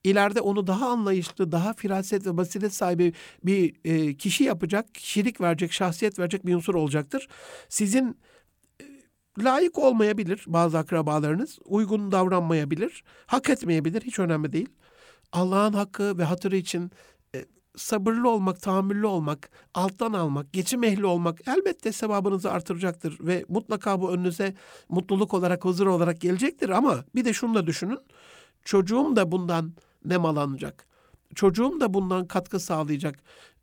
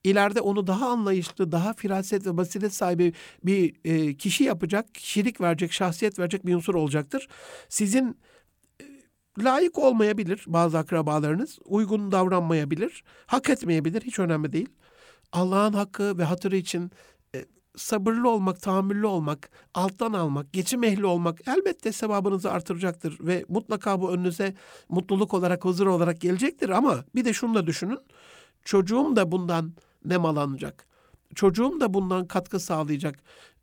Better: neither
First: none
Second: none

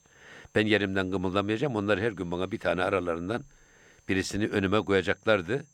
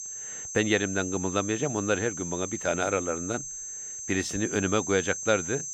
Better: first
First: high-pitched whine; faint; throughout; 6 kHz, 35 dB below the speech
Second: high-pitched whine; loud; throughout; 6 kHz, 6 dB below the speech

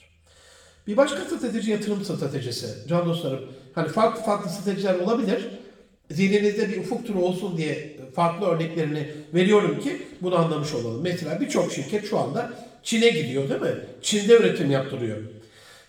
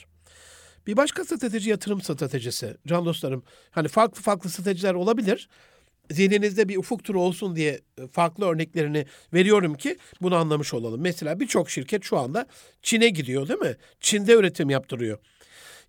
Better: second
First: room echo; slight; dies away in 0.8 s // off-mic speech; far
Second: none

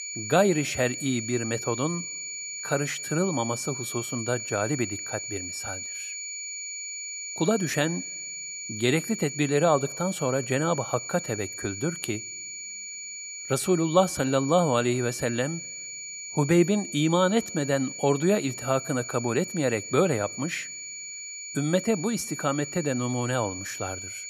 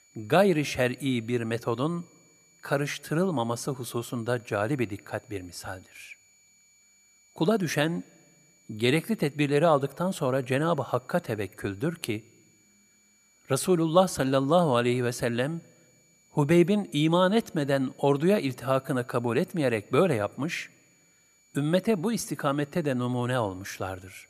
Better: second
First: high-pitched whine; loud; throughout; 7 kHz, 7 dB below the speech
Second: high-pitched whine; faint; throughout; 7 kHz, 35 dB below the speech

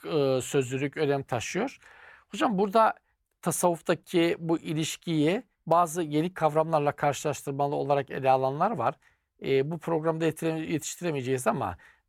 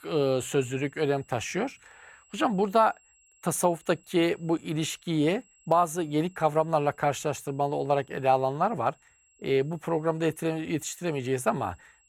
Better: first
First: none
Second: high-pitched whine; faint; throughout; 7.5 kHz, 30 dB below the speech

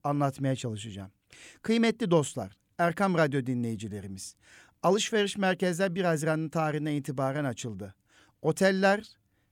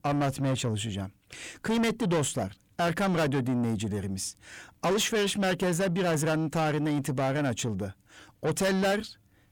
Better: first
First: none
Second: distortion; heavy; 6 dB below the speech

